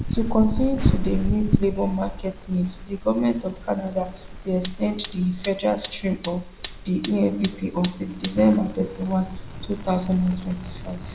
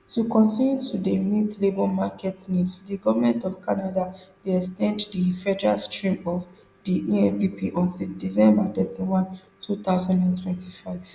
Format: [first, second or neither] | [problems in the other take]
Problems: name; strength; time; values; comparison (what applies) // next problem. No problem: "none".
second | background sound (Fire); 5 dB below the speech